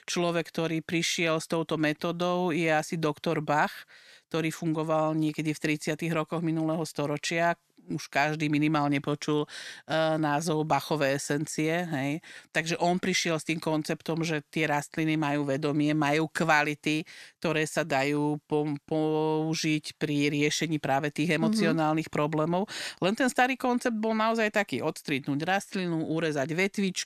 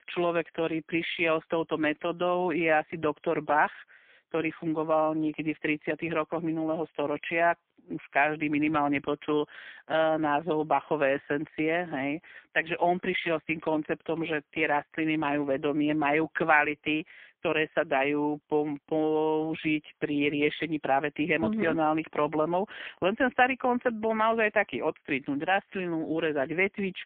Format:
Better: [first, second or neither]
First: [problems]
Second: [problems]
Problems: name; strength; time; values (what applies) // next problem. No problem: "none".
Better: first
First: none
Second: phone-call audio; poor line